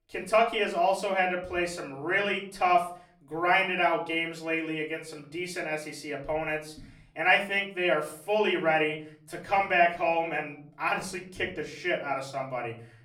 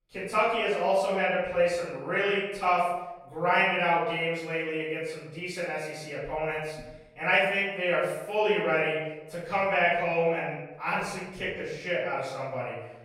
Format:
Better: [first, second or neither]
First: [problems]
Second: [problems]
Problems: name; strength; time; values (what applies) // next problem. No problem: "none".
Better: first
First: room echo; slight; dies away in 0.5 s // off-mic speech; far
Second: room echo; strong; dies away in 0.9 s // off-mic speech; far